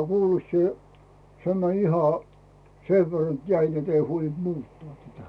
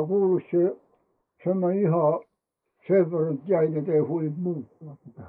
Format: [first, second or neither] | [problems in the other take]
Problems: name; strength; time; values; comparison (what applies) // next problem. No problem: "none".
first | noise reduction (neural mask model Resemble Enhance denoiser)